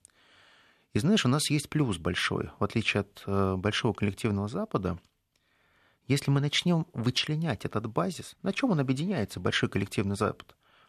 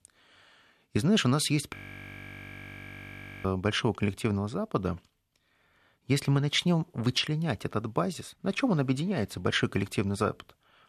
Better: first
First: none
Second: audio freezing; at 2 s for 1.5 s

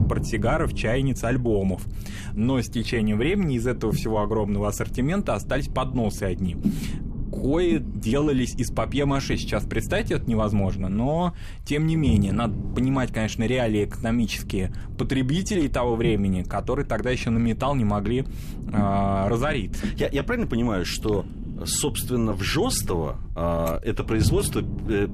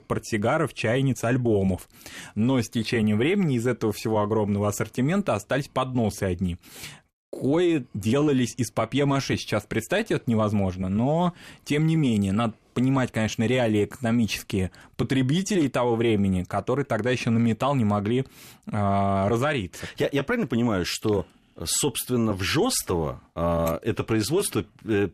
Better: second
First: low rumble; noticeable; throughout; 15 dB below the speech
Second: none

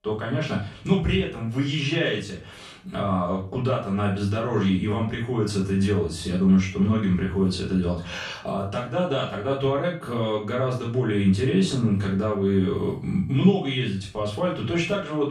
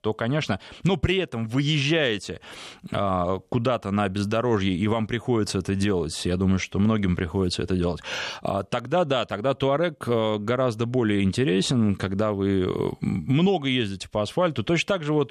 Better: second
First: off-mic speech; far // room echo; noticeable; dies away in 0.4 s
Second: none

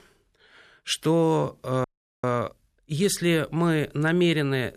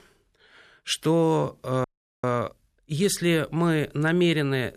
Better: neither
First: audio freezing; at 2 s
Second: audio freezing; at 2 s

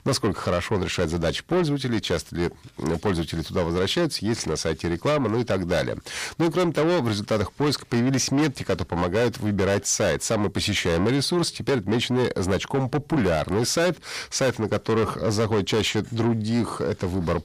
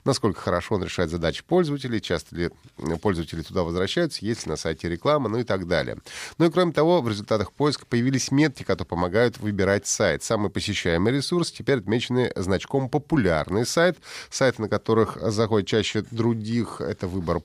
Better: second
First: distortion; heavy; 8 dB below the speech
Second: none

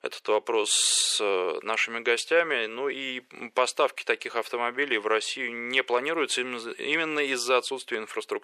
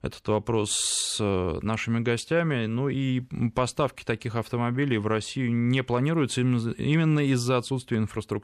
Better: second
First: thin; very; fading below 400 Hz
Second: none

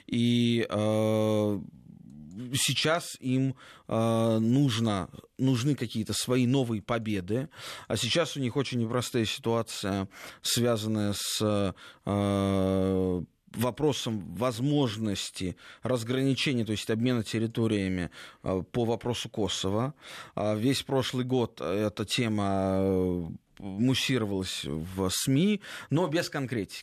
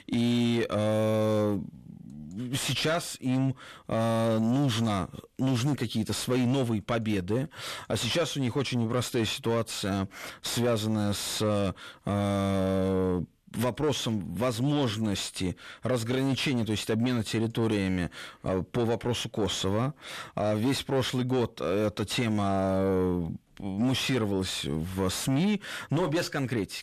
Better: first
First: none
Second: distortion; slight; 10 dB below the speech

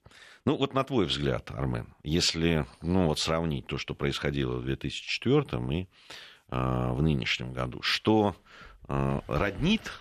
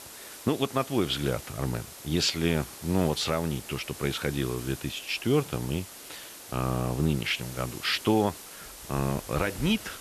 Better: first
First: none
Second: hiss; noticeable; throughout; 15 dB below the speech

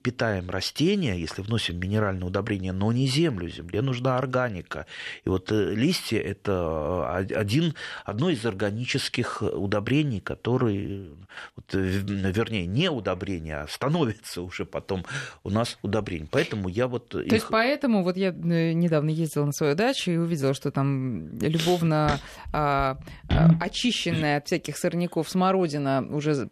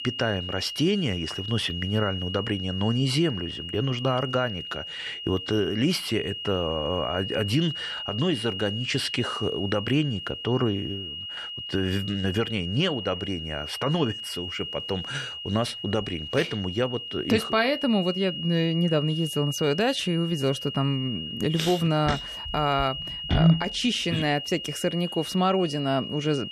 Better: first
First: none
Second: high-pitched whine; loud; throughout; 3 kHz, 7 dB below the speech

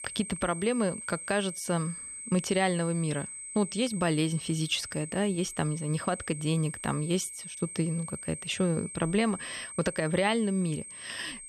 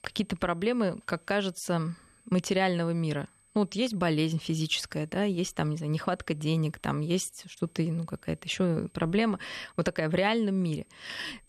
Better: second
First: high-pitched whine; loud; throughout; 8 kHz, 9 dB below the speech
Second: high-pitched whine; faint; throughout; 8 kHz, 30 dB below the speech

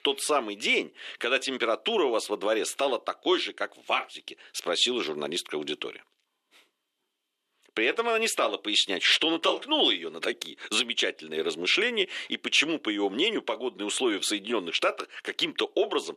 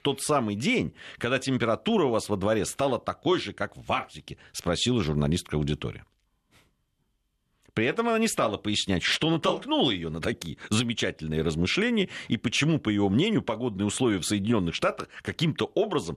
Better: second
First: thin; somewhat; fading below 350 Hz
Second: none

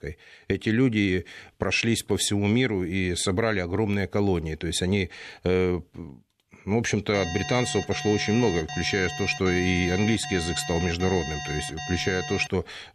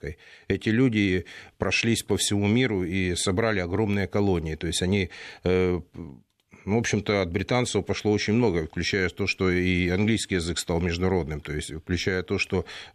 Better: second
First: alarm; noticeable; from 7 s on; peak 7 dB below the speech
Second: none

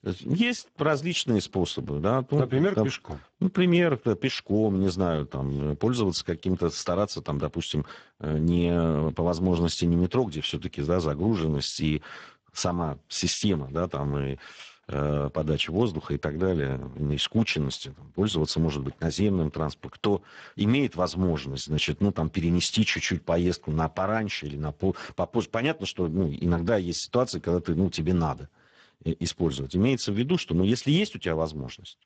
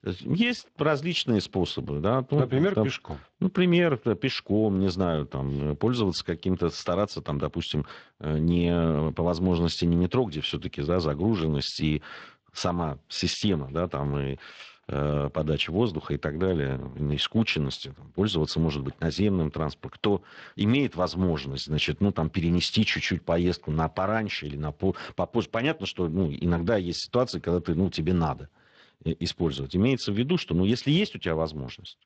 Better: second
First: garbled, watery; badly; nothing above 7.5 kHz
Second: garbled, watery; slightly; nothing above 7.5 kHz

